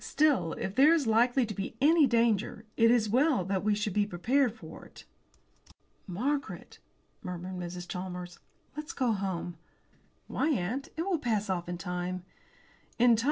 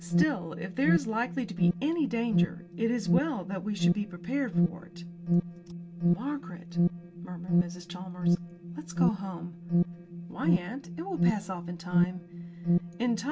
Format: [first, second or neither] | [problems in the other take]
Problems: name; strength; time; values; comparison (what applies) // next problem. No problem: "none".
first | background sound (Alarm); 3 dB above the speech